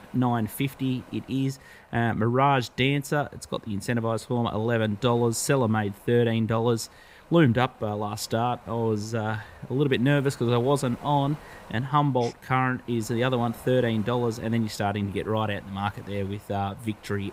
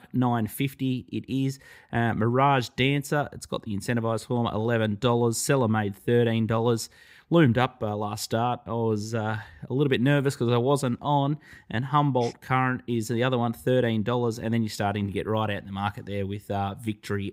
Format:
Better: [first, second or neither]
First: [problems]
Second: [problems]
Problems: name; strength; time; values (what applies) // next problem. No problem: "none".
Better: second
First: wind noise on the microphone; occasional gusts; 20 dB below the speech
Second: none